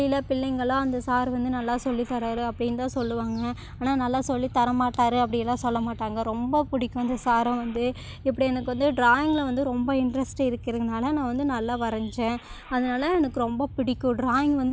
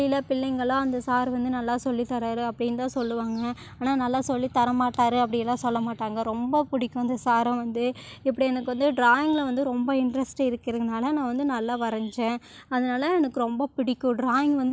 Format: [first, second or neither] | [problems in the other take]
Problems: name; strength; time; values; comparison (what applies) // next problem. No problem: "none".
second | background sound (Engine starting / Car); 16 dB below the speech